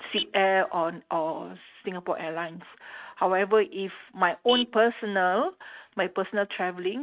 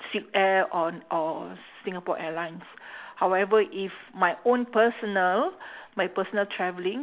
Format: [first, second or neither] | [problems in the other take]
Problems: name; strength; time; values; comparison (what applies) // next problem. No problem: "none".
second | noise reduction (neural mask model RNNoise)